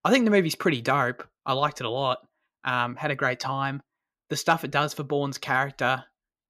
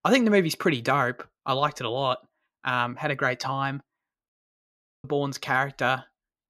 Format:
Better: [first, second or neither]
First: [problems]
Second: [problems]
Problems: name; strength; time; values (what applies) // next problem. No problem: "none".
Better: first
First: none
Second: audio cutting out; at 4.5 s for 1 s